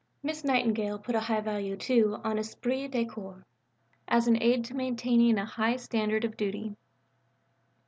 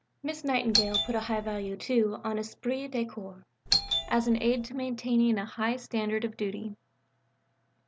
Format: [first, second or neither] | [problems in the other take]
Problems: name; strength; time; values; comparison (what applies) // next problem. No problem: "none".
first | background sound (Doorbell); 1 dB below the speech